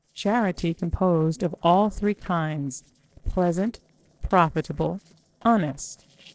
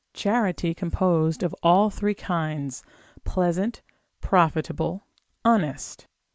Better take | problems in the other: second | noise reduction (neural separator model SepFormer DNS4)

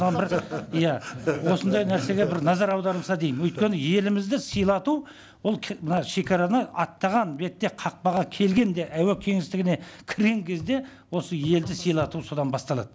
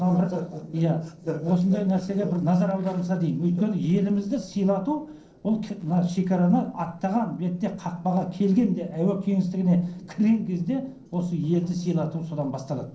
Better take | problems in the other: first | noise reduction (neural separator model SepFormer DNS4)

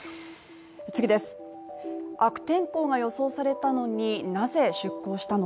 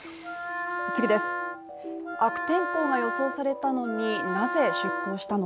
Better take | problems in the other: first | background sound (Wind instrument, woodwind instrument); 4 dB below the speech

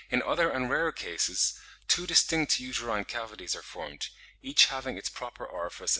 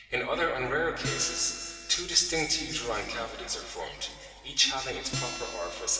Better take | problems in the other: first | background sound (Acoustic guitar); 12 dB below the speech // room echo; dies away in 2.8 s

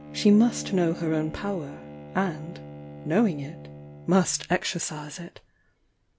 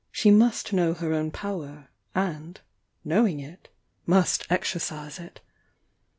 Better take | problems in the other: second | background sound (Bowed string instrument); 14 dB below the speech

